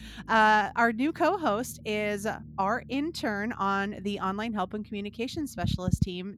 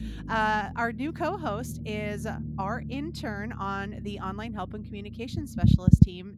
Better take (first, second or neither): first